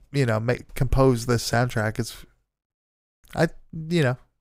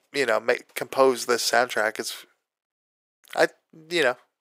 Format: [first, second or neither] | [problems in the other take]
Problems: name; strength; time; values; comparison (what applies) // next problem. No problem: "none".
first | thin; very; fading below 400 Hz